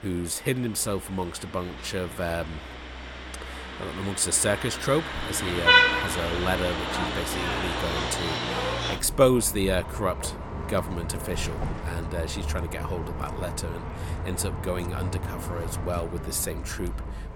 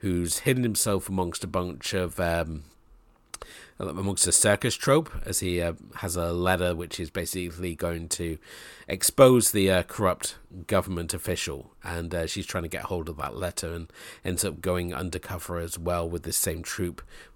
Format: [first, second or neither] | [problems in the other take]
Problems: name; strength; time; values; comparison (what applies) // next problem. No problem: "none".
second | traffic noise; very loud; throughout; as loud as the speech